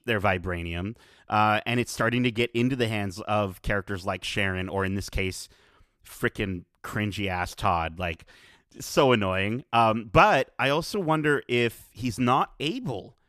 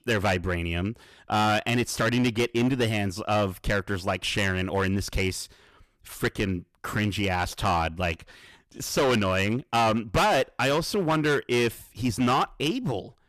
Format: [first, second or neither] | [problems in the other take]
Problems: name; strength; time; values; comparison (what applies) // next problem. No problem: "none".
first | distortion; heavy; 9% of the sound clipped